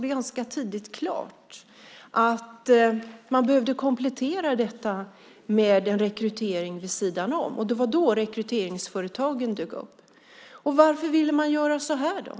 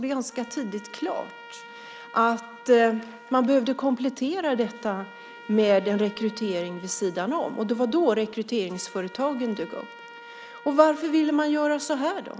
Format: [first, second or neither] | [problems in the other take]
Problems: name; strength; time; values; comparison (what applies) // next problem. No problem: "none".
first | background sound (Trumpet); 20 dB below the speech